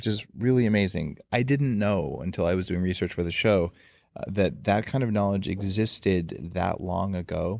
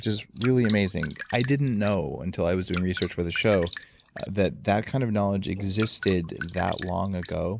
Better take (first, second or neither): first